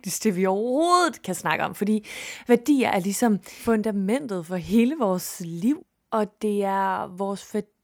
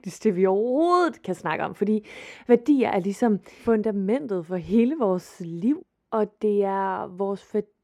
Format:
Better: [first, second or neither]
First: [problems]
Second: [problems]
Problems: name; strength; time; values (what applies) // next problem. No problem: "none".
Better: first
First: none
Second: muffled; slightly; fading above 2 kHz